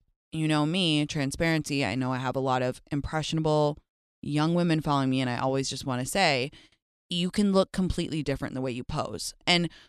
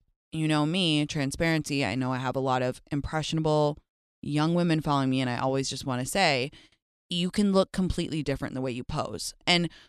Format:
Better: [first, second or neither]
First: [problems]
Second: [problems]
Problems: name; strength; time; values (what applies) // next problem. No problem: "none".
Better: neither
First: none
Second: none